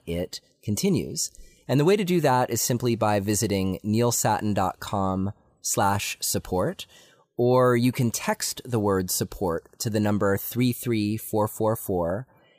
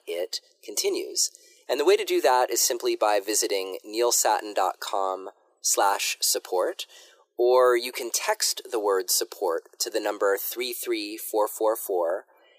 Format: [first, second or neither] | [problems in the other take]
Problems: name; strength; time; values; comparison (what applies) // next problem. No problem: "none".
first | thin; very; fading below 350 Hz